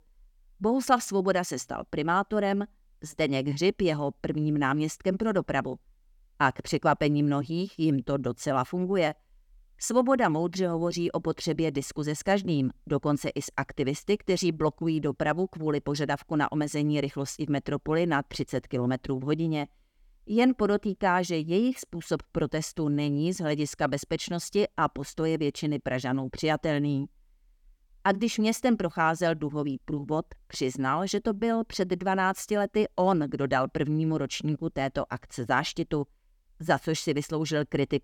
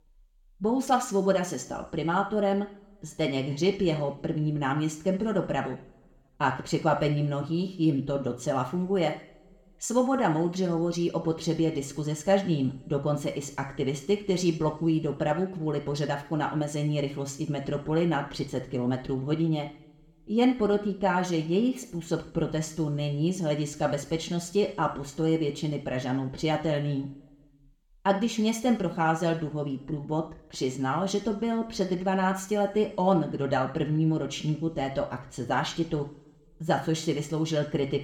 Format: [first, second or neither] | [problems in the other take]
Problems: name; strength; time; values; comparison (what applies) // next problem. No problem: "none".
first | room echo; slight; dies away in 0.6 s